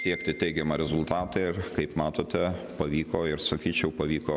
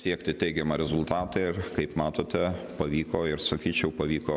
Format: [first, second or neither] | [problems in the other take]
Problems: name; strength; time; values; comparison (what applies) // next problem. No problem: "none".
second | background sound (Wind chime); 18 dB below the speech